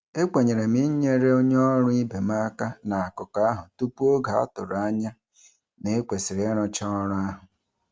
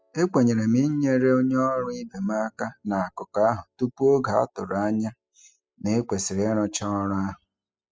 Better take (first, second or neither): first